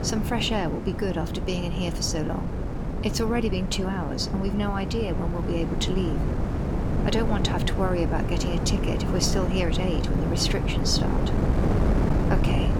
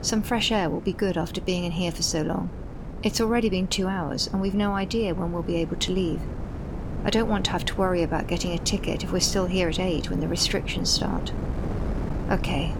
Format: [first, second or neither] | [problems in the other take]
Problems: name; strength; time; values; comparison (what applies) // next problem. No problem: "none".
second | wind noise on the microphone; heavy; 4 dB below the speech; occasional gusts in the second